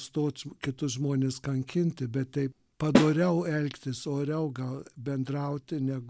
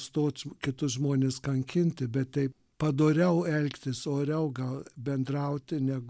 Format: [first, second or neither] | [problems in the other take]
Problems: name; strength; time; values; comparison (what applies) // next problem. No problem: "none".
second | background sound (Snare drum); as loud as the speech